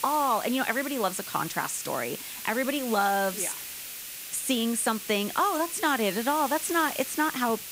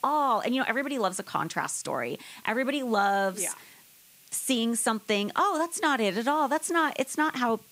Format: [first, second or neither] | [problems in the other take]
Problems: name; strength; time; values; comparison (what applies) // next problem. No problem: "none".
second | hiss; loud; throughout; 8 dB below the speech; faint in the second